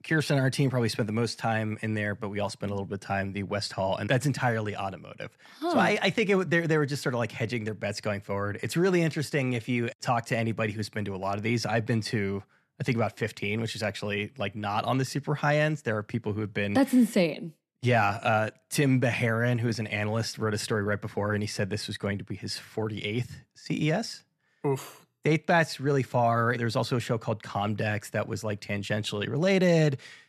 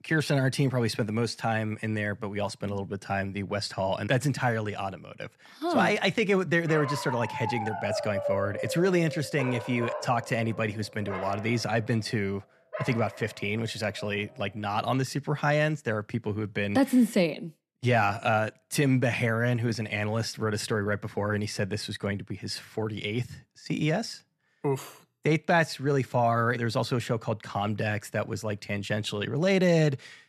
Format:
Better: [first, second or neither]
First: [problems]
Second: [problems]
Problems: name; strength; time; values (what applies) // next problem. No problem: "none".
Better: first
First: none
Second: dog barking; noticeable; from 6.5 to 14 s; peak 2 dB below the speech